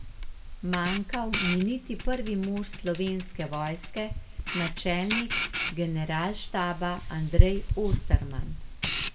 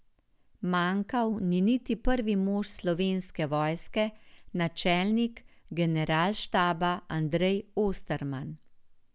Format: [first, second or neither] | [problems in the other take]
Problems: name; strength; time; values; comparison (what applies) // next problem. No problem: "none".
second | background sound (Camera); 1 dB above the speech // room echo; dies away in 0.5 s